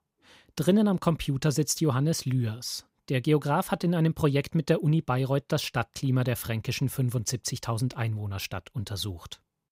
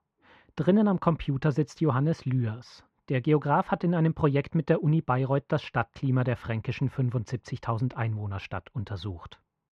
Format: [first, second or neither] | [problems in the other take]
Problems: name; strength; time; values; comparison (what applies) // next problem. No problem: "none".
first | muffled; very; fading above 2 kHz